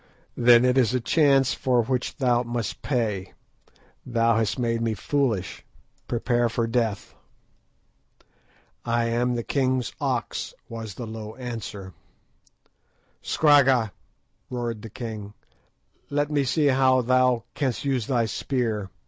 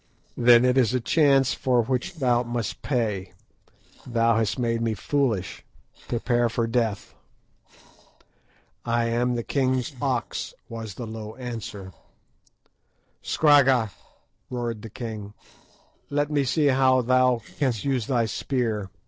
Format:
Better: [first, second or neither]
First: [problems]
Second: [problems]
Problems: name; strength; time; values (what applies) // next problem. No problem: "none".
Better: first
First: none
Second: noise reduction (neural separator model SepFormer DNS4)